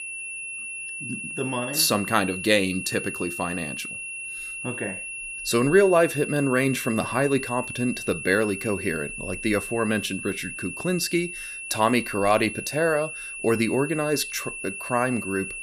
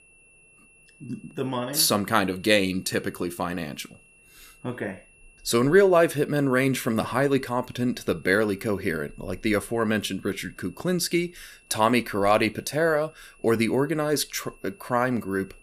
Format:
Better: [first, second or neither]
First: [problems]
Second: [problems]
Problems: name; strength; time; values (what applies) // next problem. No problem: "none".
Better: second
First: high-pitched whine; loud; throughout; 2.5 kHz, 8 dB below the speech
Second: high-pitched whine; faint; throughout; 2.5 kHz, 30 dB below the speech